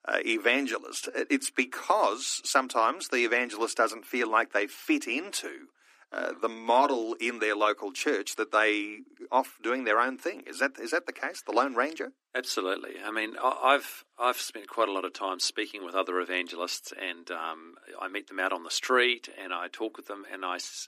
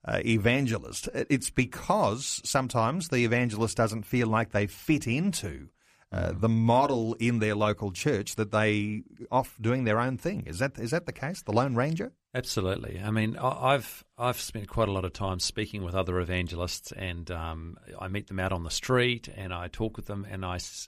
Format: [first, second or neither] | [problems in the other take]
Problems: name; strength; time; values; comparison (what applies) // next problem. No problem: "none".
second | thin; somewhat; fading below 250 Hz